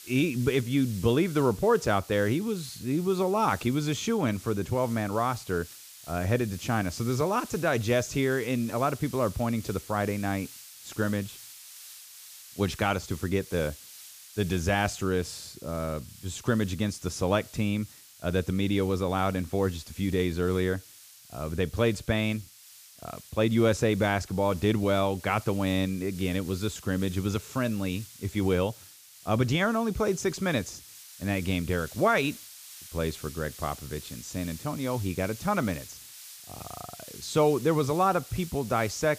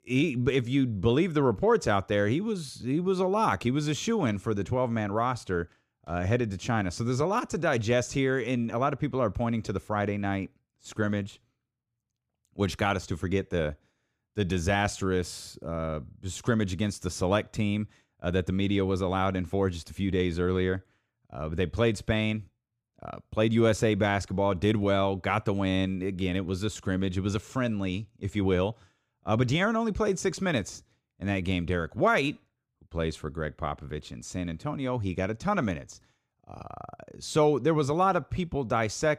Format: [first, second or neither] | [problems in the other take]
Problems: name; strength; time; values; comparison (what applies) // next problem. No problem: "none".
second | hiss; noticeable; throughout; 15 dB below the speech